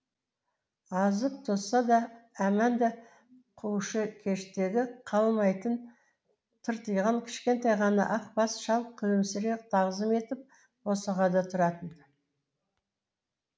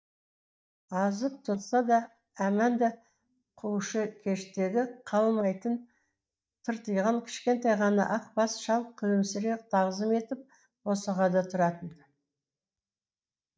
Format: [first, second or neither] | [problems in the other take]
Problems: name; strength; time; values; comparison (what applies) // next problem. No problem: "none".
first | noise reduction (neural mask model DeepFilterNet 3)